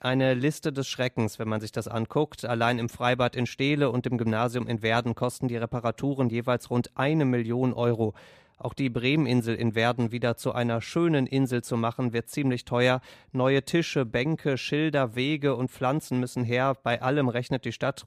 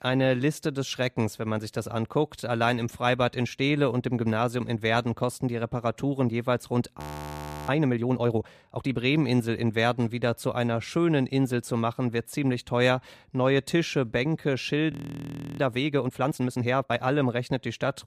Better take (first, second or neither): first